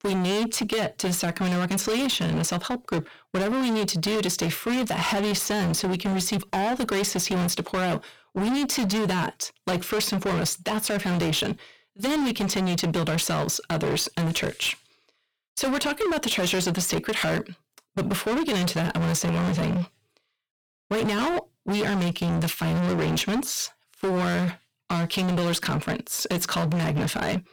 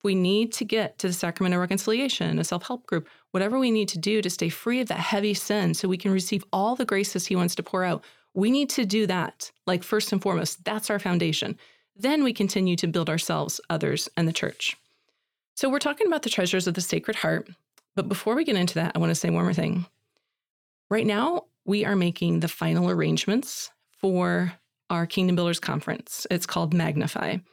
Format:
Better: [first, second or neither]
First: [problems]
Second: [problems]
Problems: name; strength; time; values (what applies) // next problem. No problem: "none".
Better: second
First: distortion; heavy; 32% of the sound clipped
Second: none